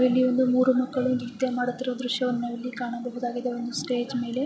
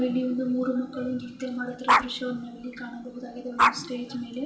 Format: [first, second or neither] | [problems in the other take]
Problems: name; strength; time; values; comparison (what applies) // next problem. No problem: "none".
first | background sound (Dog); 1 dB above the speech // room echo; dies away in 1.3 s